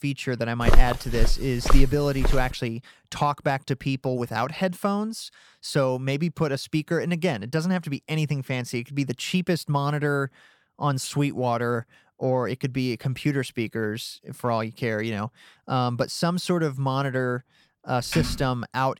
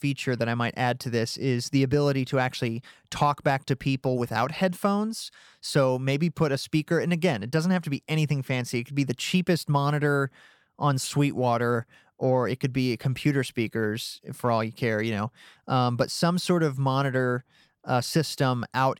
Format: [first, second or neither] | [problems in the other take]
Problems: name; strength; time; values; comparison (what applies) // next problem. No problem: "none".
second | footsteps; loud; from 0.5 to 2.5 s; peak 3 dB above the speech // keyboard typing; noticeable; at 18 s; peak 3 dB below the speech